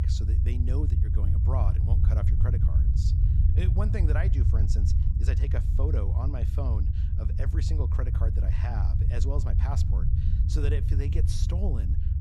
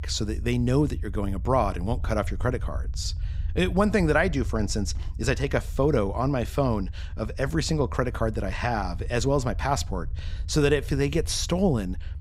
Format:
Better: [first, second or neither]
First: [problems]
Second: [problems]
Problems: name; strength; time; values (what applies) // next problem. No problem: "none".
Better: second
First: low rumble; loud; throughout; 1 dB below the speech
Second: low rumble; faint; throughout; 25 dB below the speech